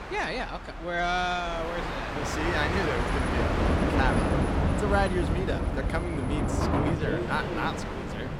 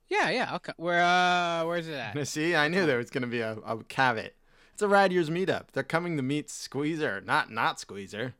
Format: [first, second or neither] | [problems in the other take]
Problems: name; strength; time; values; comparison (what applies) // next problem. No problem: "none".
second | train or aircraft noise; very loud; throughout; 3 dB above the speech